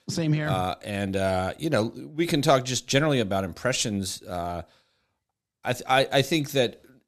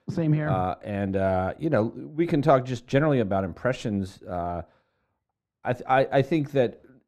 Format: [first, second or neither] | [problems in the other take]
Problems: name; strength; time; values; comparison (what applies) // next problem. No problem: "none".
first | muffled; very; fading above 2.5 kHz